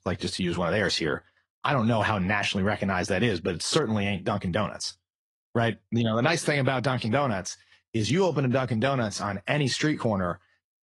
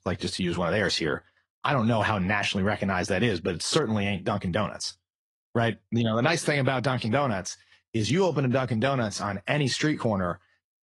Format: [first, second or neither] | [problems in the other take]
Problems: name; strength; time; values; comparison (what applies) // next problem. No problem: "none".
neither | garbled, watery; slightly; nothing above 10.5 kHz; the same in both